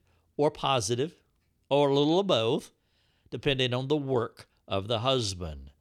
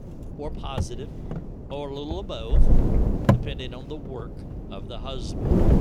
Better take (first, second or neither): first